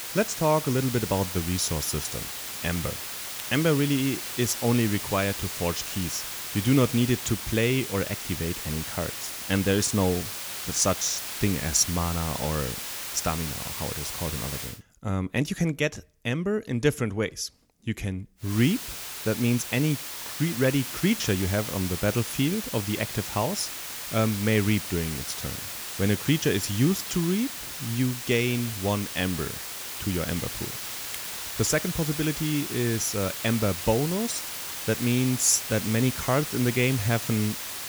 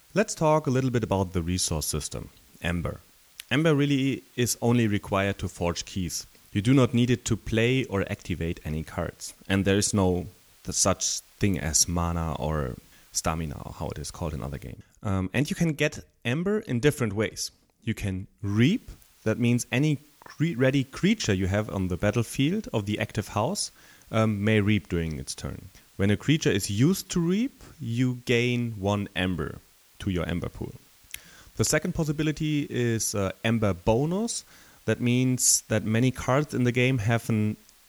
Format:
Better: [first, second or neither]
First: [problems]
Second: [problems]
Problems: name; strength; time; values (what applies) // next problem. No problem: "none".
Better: second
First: hiss; loud; until 15 s and from 18 s on; 6 dB below the speech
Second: hiss; faint; until 15 s and from 18 s on; 30 dB below the speech